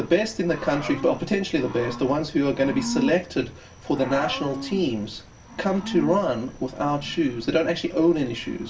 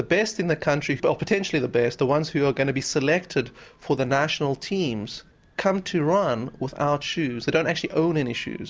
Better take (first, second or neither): second